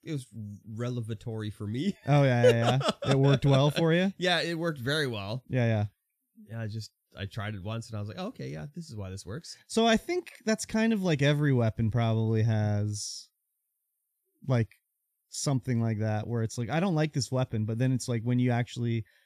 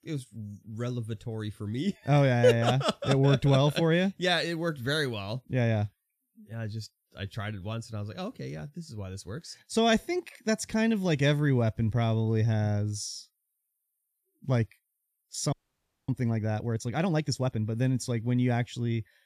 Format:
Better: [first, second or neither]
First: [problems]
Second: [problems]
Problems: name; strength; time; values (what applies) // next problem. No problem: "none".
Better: first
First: none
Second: audio freezing; at 16 s for 0.5 s